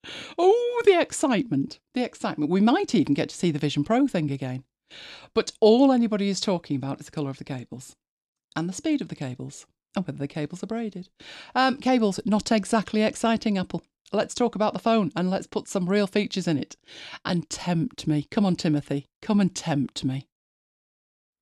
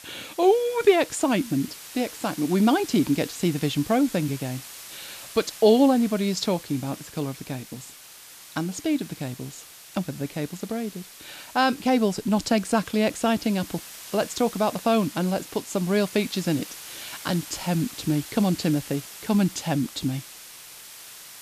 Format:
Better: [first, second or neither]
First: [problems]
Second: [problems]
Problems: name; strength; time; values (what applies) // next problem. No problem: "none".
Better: first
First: none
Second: hiss; noticeable; throughout; 15 dB below the speech